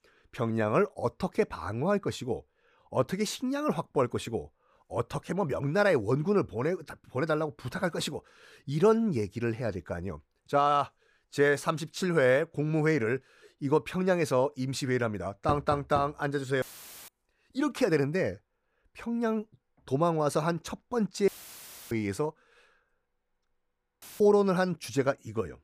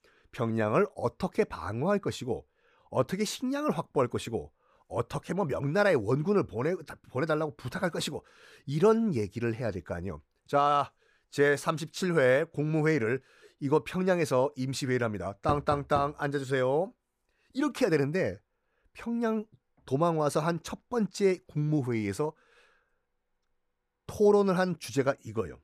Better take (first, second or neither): second